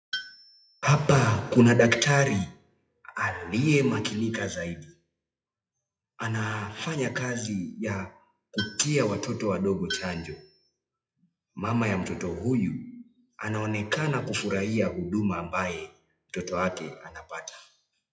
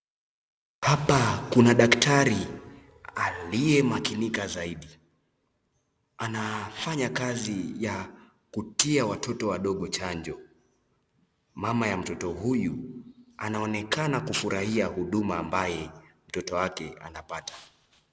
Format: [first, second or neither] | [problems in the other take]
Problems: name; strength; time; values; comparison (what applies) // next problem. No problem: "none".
second | noise reduction (classical method WPE with log-MMSE)